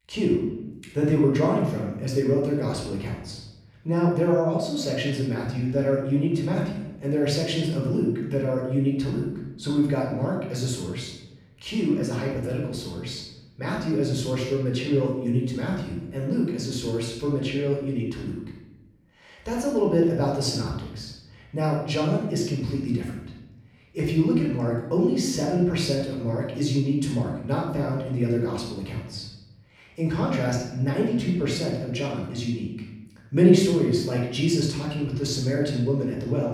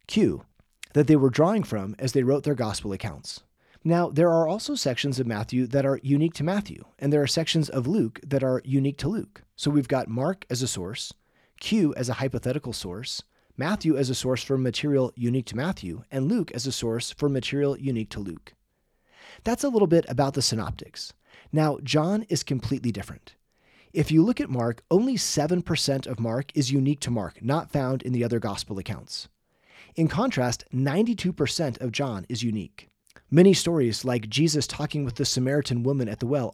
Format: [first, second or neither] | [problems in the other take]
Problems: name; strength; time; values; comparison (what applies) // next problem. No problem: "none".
second | off-mic speech; far // room echo; noticeable; dies away in 0.9 s